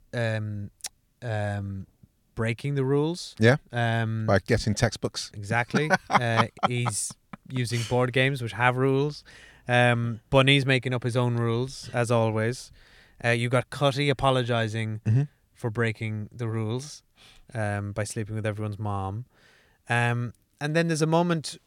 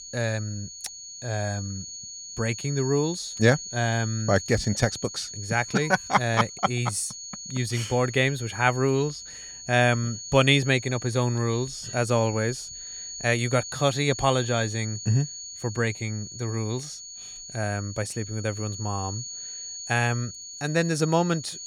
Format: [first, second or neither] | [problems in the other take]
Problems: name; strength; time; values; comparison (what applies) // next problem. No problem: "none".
first | high-pitched whine; noticeable; throughout; 6.5 kHz, 10 dB below the speech